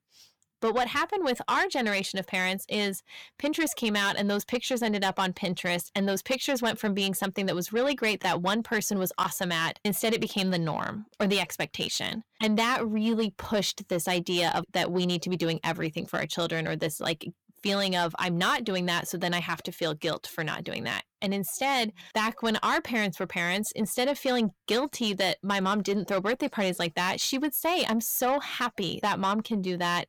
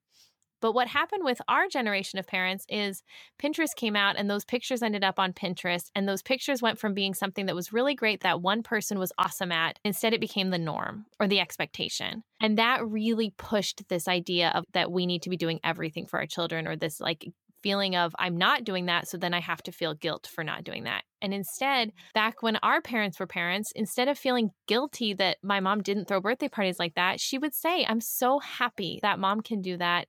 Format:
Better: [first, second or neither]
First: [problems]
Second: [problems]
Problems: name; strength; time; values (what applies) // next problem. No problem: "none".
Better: second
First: distortion; slight; 10 dB below the speech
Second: none